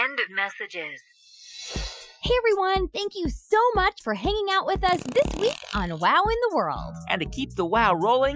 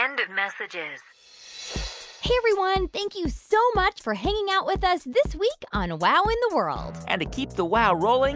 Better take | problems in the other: second | noise reduction (classical method Wiener filter)

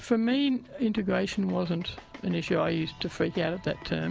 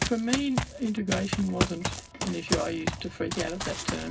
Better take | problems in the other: first | background sound (Run); 2 dB below the speech // room echo; dies away in 0.4 s

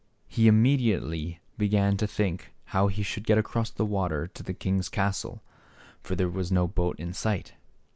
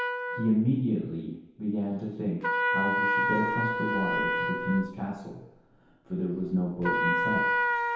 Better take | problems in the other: first | background sound (Trumpet); 1 dB above the speech // room echo; dies away in 0.8 s

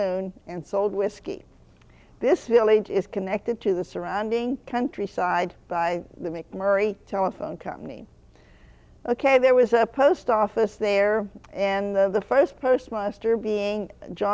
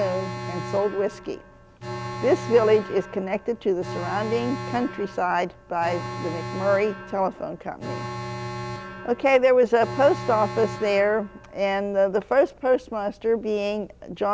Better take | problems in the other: first | background sound (Alarm); 11 dB below the speech

